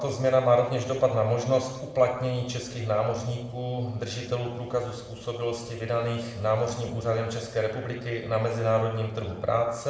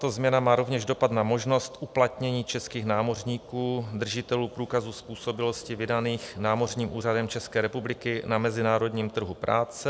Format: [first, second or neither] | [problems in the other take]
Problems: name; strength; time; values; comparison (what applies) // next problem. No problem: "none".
second | room echo; dies away in 0.8 s